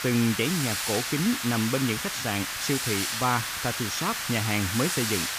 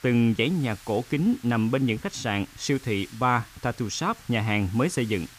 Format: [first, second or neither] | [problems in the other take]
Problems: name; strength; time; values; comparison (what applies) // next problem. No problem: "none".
second | hiss; loud; throughout; 1 dB below the speech; faint in the second